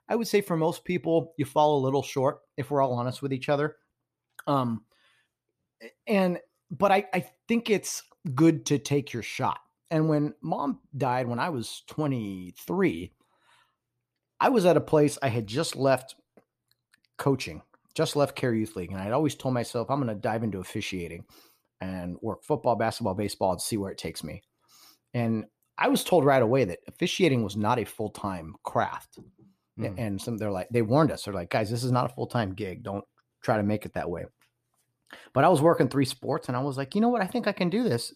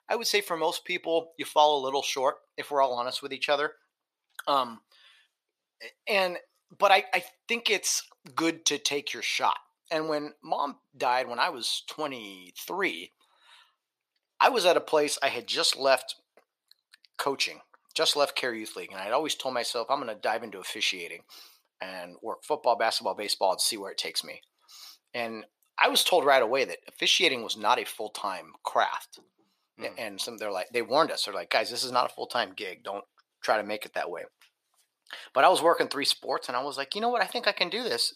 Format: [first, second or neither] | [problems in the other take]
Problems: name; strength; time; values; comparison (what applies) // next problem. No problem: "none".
first | thin; very; fading below 600 Hz